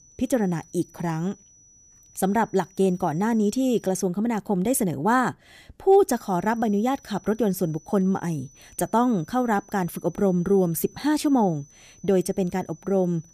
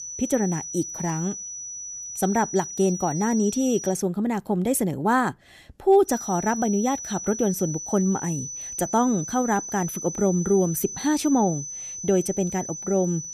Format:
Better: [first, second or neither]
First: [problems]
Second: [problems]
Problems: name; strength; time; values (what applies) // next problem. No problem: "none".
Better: first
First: high-pitched whine; faint; until 4 s and from 6 s on; 6 kHz, 25 dB below the speech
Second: high-pitched whine; loud; until 4 s and from 6 s on; 6 kHz, 8 dB below the speech